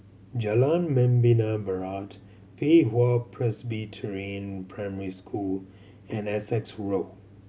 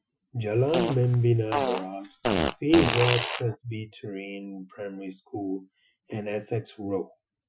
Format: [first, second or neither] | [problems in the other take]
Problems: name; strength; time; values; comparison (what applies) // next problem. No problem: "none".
first | noise reduction (classical method Wiener filter)